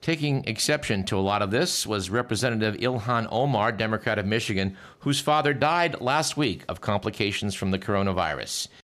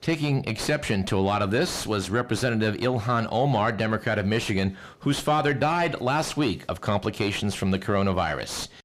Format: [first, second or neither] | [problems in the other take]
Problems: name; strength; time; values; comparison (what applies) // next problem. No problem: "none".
first | distortion; slight; 9 dB below the speech